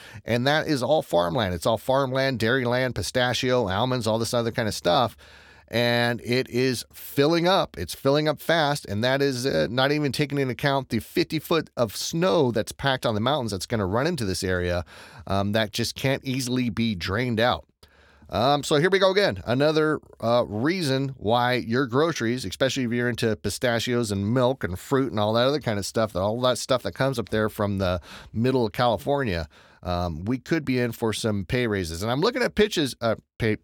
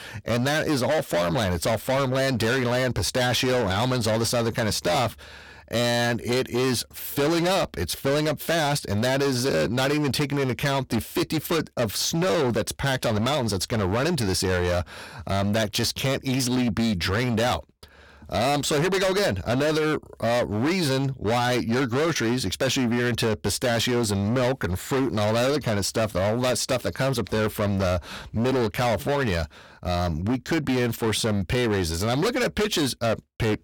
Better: first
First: none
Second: distortion; heavy; 27% of the sound clipped

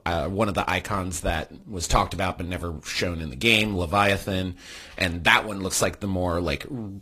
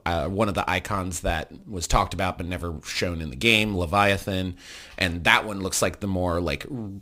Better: second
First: garbled, watery; slightly; nothing above 14.5 kHz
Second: none

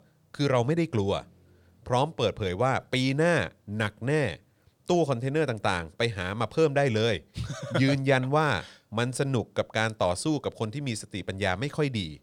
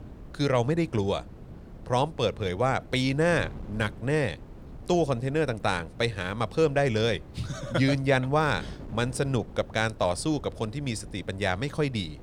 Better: first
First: none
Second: wind noise on the microphone; occasional gusts; 25 dB below the speech

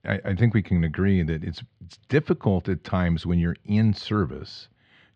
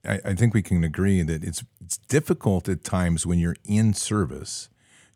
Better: second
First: muffled; slightly; fading above 4.5 kHz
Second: none

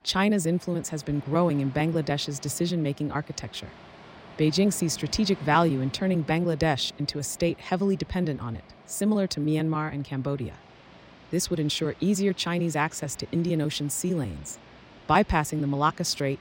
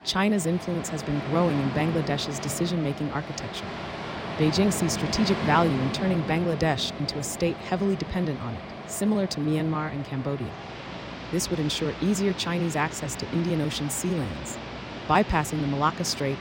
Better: first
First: rain or running water; faint; throughout; 20 dB below the speech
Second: rain or running water; loud; throughout; 8 dB below the speech

